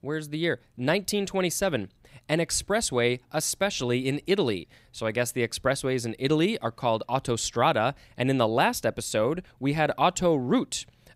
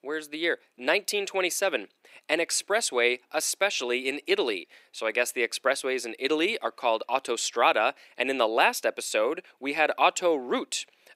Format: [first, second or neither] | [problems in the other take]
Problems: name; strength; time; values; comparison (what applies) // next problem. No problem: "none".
first | thin; somewhat; fading below 350 Hz